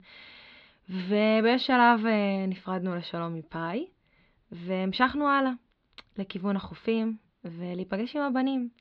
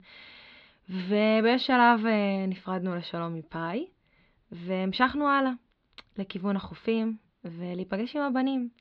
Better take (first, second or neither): neither